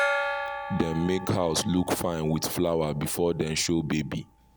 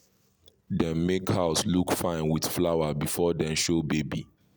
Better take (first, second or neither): second